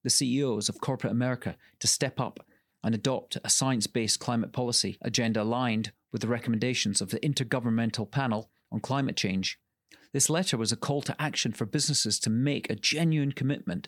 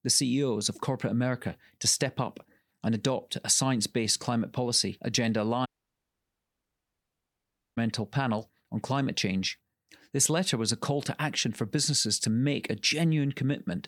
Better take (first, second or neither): first